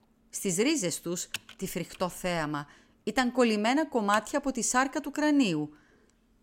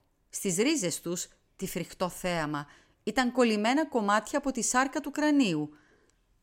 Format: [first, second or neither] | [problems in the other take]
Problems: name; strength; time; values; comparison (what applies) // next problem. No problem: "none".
second | keyboard typing; faint; from 1.5 to 4 s; peak 10 dB below the speech